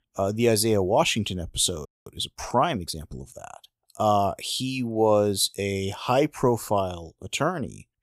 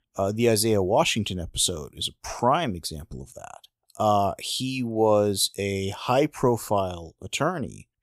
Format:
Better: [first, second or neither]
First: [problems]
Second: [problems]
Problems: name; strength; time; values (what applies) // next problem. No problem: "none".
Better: second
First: audio freezing; at 2 s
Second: none